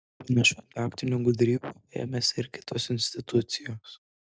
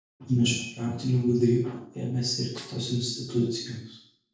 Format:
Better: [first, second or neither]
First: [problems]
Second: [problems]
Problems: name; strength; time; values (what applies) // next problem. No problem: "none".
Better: first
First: none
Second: noise reduction (neural separator model SepFormer DNS4)